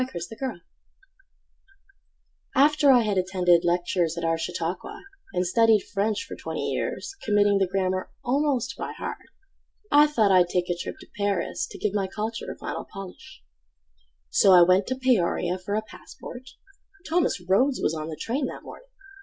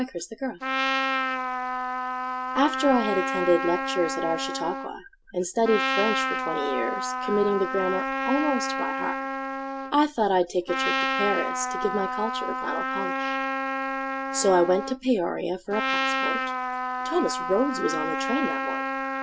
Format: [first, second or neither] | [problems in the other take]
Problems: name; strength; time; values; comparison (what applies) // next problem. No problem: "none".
first | background sound (Trumpet); 1 dB below the speech